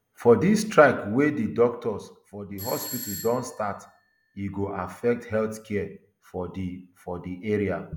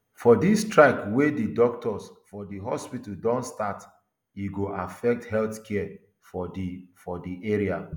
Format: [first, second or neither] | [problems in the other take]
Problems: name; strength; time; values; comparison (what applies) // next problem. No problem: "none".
second | background sound (Doorbell); 15 dB below the speech